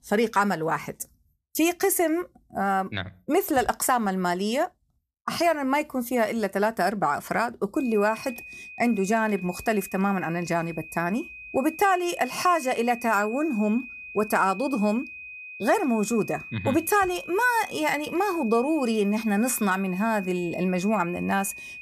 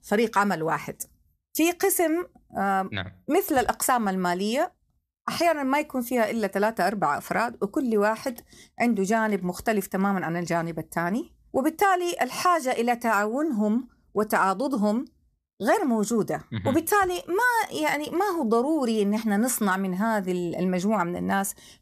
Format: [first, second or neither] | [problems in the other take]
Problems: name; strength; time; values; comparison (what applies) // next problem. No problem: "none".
second | high-pitched whine; noticeable; from 8 s on; 2.5 kHz, 15 dB below the speech